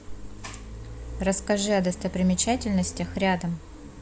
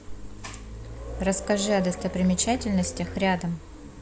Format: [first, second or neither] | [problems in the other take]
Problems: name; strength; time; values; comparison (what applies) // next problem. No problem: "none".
first | background sound (Applause / Crowd / Cheering); 14 dB below the speech